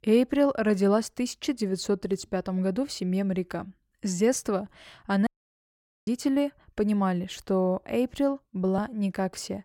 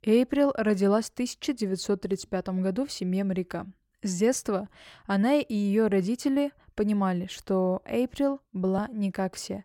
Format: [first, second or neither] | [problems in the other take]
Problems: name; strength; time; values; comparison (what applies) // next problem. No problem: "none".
second | audio cutting out; at 5.5 s for 1 s